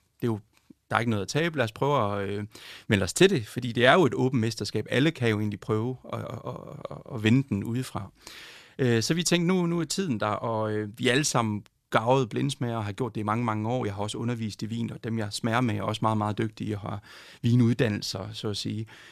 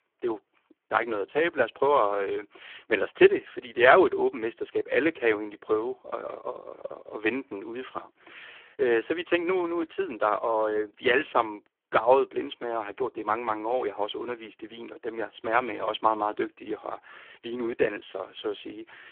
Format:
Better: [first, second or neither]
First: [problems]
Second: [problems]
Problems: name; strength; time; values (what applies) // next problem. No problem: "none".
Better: first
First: none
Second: phone-call audio; poor line